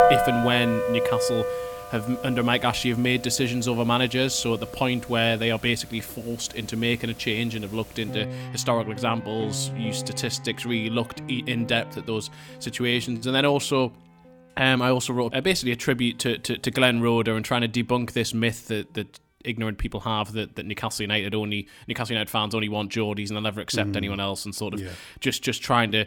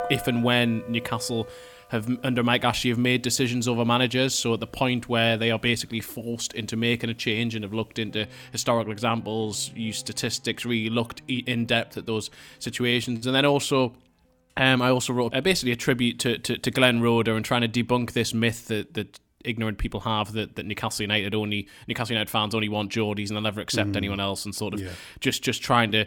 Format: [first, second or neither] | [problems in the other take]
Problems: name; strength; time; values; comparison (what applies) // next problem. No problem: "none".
second | background music; loud; throughout; 8 dB below the speech; faint in the second